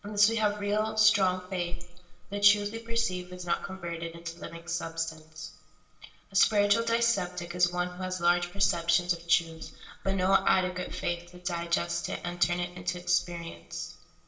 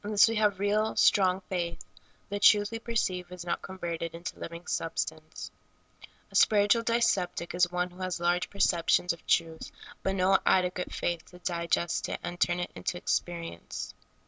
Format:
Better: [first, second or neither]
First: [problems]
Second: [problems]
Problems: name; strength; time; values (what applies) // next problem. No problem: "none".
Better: second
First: room echo; dies away in 0.8 s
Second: none